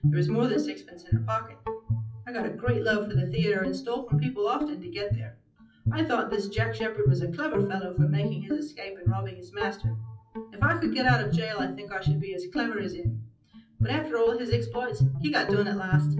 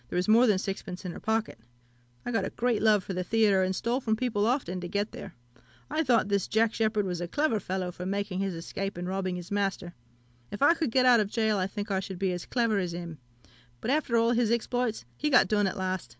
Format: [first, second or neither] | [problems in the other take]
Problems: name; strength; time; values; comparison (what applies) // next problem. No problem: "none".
second | noise reduction (classical method WPE with log-MMSE)